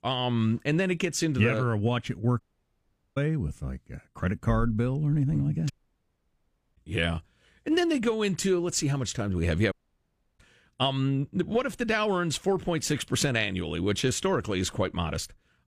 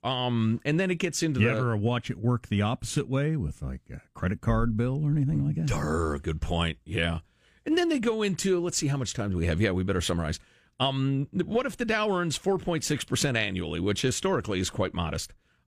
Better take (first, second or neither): second